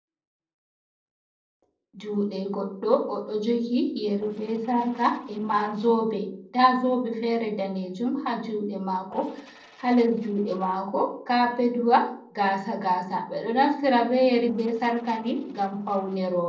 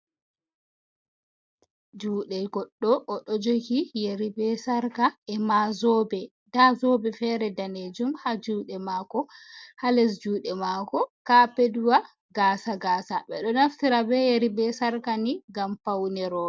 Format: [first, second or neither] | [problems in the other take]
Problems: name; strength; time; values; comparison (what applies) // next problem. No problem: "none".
second | noise reduction (neural separator model SepFormer DNS4)